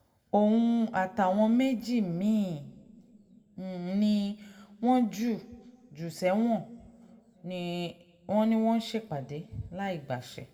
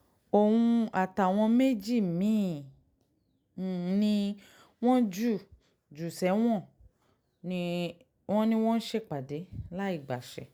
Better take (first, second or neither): second